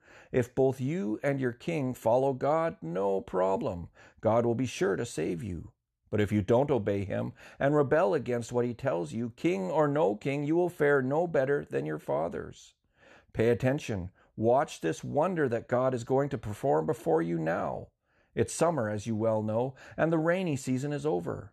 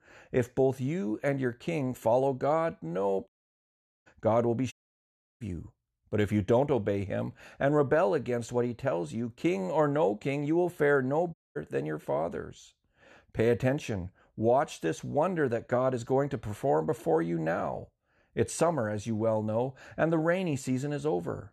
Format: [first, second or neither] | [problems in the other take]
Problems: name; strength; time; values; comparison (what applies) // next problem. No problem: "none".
first | audio cutting out; at 3.5 s for 1 s, at 4.5 s for 0.5 s and at 11 s